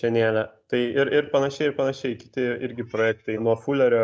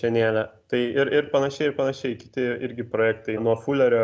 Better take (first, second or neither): second